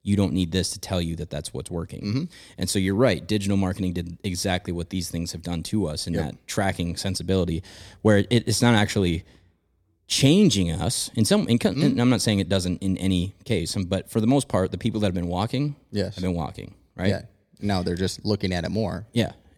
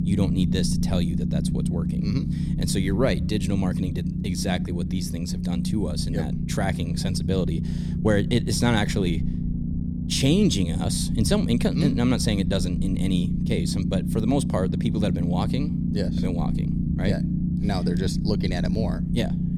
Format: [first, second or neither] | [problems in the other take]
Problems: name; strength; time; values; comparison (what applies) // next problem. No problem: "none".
first | low rumble; loud; throughout; 5 dB below the speech